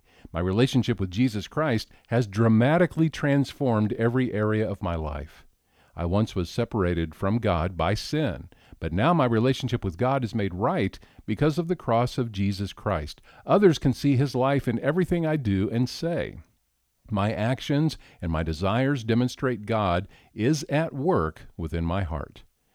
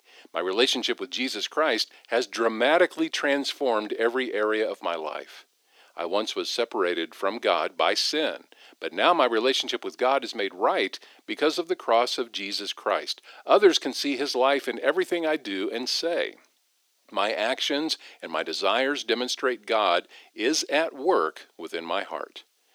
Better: first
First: none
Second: thin; very; fading below 350 Hz

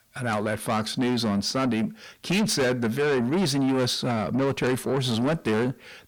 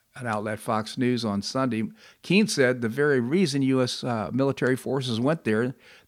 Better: second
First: distortion; heavy; 7 dB below the speech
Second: none

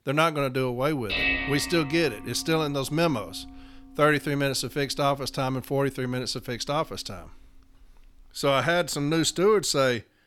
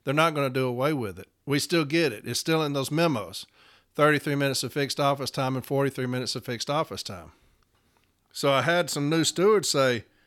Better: second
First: clattering dishes; loud; until 7.5 s; peak 2 dB above the speech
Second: none

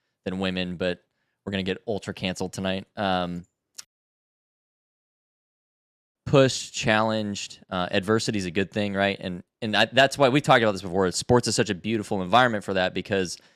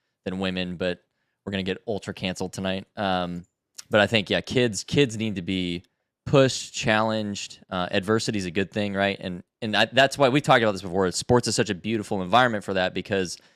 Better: second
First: audio cutting out; at 4 s for 2.5 s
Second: none

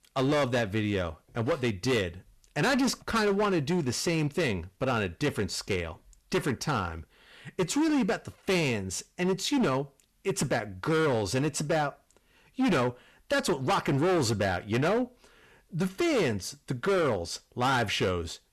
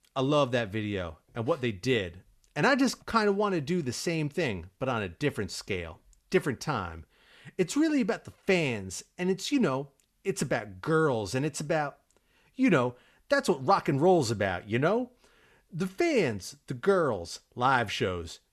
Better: second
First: distortion; heavy; 14% of the sound clipped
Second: none

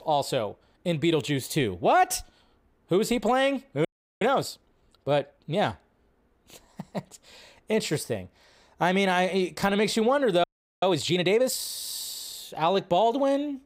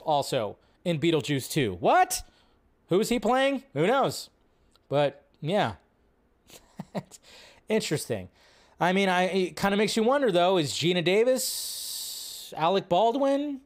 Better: second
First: audio freezing; at 4 s and at 10 s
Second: none

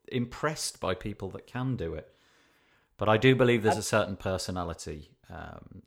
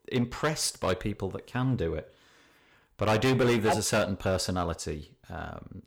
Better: first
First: none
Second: distortion; heavy; 6% of the sound clipped

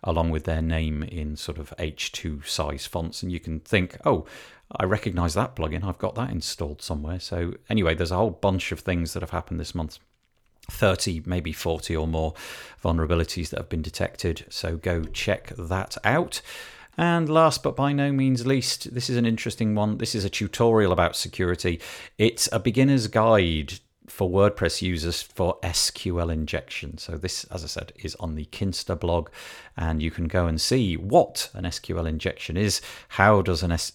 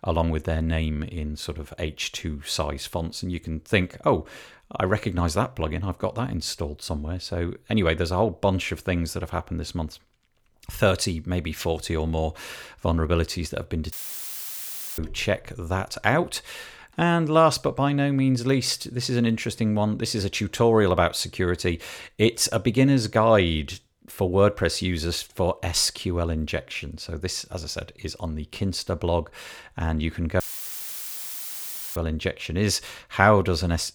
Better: first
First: none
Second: audio cutting out; filled with static; at 14 s for 1 s and at 30 s for 1.5 s

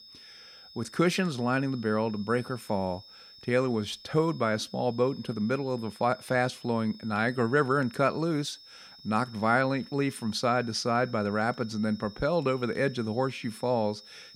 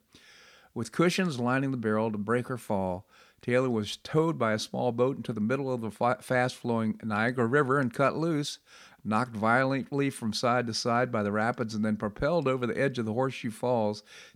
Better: second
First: high-pitched whine; noticeable; throughout; 5 kHz, 20 dB below the speech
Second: none

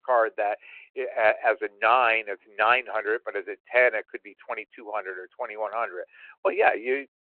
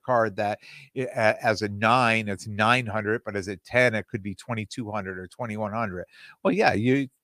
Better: second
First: phone-call audio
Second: none

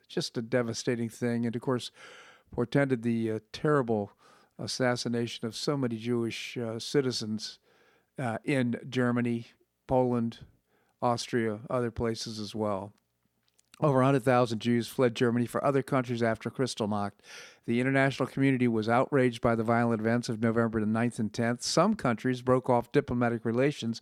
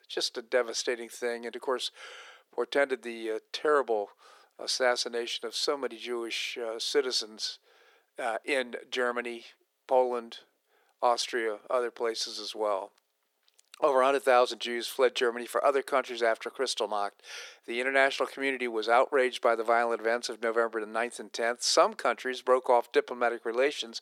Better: first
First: none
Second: thin; very; fading below 400 Hz

